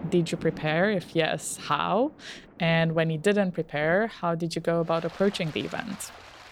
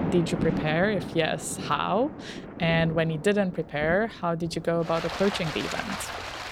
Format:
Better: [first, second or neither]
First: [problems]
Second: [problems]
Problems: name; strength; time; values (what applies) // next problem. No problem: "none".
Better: first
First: rain or running water; faint; throughout; 20 dB below the speech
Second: rain or running water; loud; throughout; 8 dB below the speech